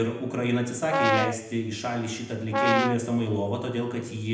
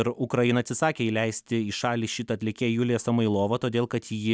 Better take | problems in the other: second | background sound (Brass instrument); 2 dB above the speech // room echo; dies away in 0.8 s

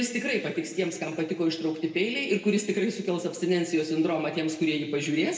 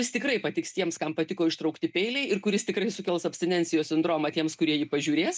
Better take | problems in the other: second | room echo; dies away in 1.1 s

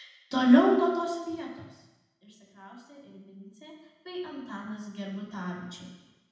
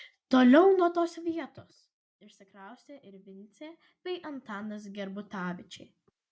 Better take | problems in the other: second | room echo; dies away in 1 s

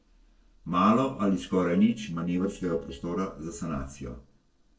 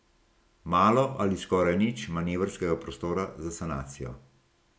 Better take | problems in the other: second | noise reduction (neural separator model SepFormer DNS4)

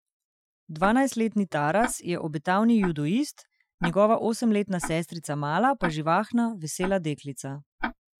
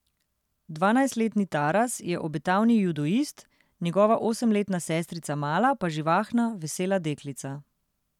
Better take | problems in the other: second | noise reduction (classical method Wiener filter)

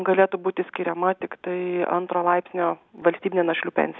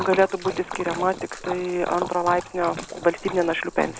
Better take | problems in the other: first | background sound (Splash, splatter); 10 dB below the speech

